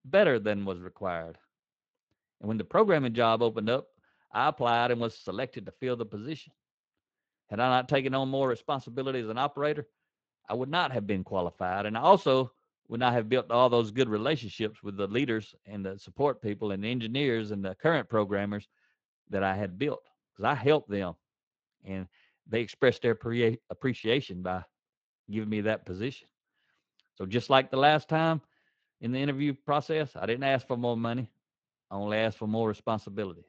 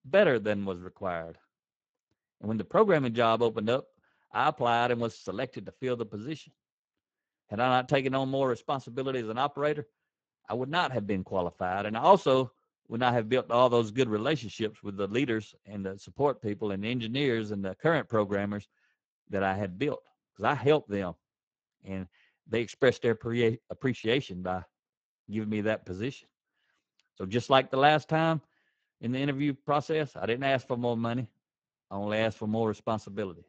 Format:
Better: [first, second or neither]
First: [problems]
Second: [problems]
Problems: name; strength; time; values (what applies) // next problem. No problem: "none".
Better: first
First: garbled, watery; slightly; nothing above 7.5 kHz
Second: garbled, watery; badly; nothing above 7.5 kHz